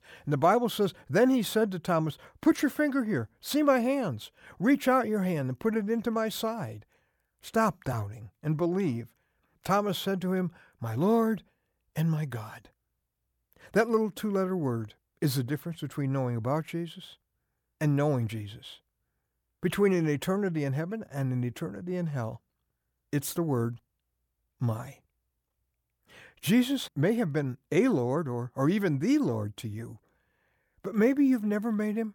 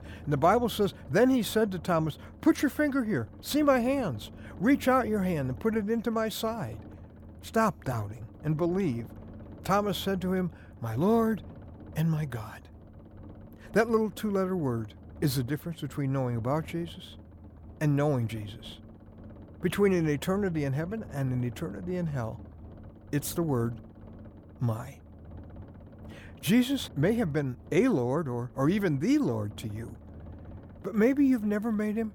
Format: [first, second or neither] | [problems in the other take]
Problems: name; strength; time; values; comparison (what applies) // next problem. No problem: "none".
first | low rumble; faint; throughout; 25 dB below the speech